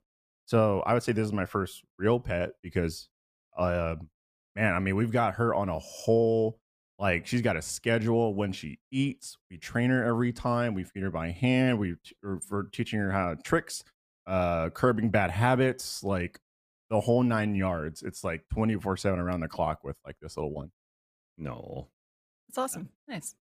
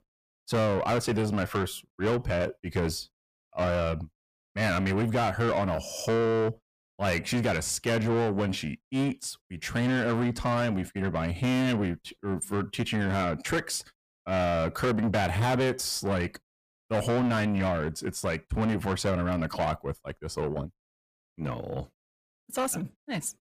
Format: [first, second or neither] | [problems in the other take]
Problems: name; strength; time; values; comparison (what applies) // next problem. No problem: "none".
first | distortion; heavy; 7 dB below the speech